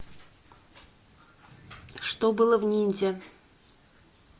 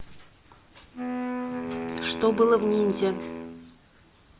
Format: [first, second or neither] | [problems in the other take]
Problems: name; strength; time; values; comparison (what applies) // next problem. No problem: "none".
first | background sound (Wind instrument, woodwind instrument); 6 dB below the speech